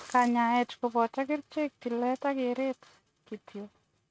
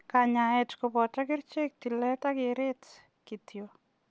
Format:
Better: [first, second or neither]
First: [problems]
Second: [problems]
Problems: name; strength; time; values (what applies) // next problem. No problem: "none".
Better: second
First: noise reduction (neural mask model RNNoise)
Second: none